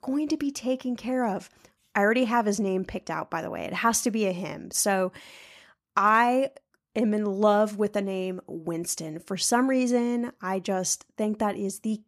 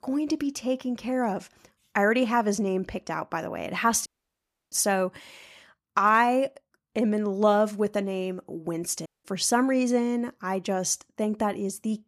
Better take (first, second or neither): first